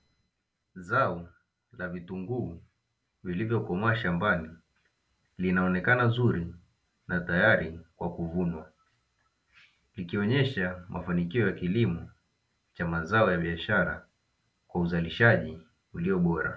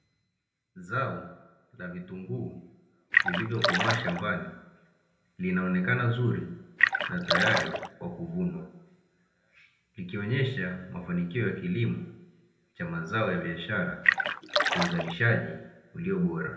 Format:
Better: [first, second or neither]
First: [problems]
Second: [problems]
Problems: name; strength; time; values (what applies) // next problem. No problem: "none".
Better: first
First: none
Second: background sound (Splash, splatter); 4 dB above the speech // room echo; dies away in 0.7 s